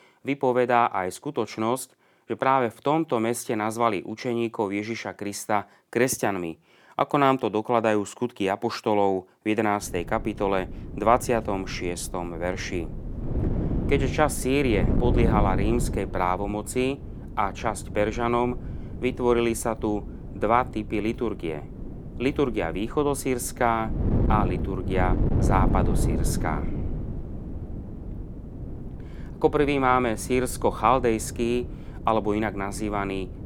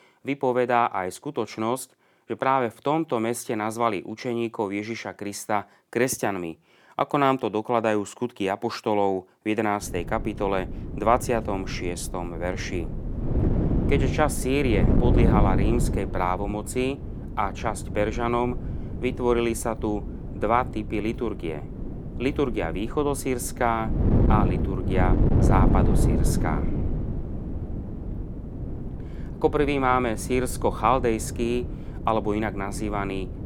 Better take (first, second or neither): first